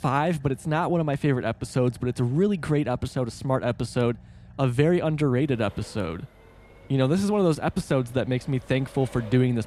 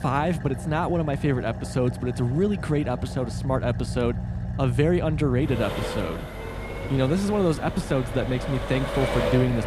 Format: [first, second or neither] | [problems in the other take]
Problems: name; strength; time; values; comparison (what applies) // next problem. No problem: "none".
first | traffic noise; loud; throughout; 6 dB below the speech; faint in the first